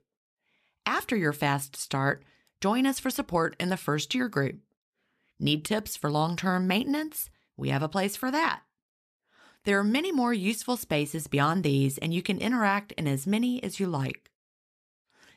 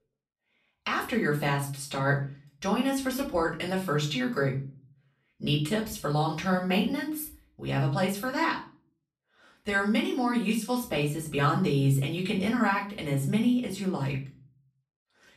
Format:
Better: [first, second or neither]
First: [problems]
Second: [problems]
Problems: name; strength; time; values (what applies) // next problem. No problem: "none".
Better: first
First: none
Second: room echo; slight; dies away in 0.4 s // off-mic speech; far